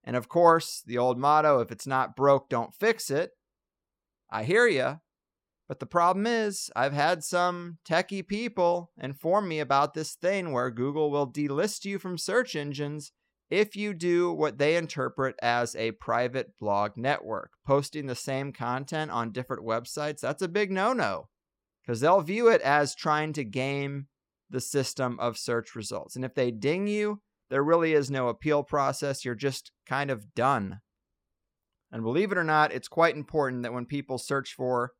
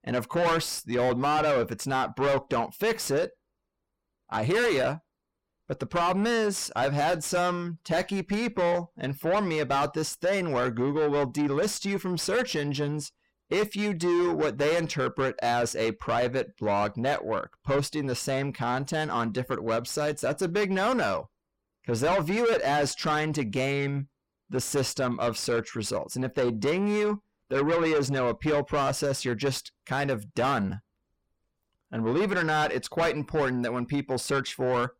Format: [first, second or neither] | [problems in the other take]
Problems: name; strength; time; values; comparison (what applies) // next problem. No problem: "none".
first | distortion; heavy; 5 dB below the speech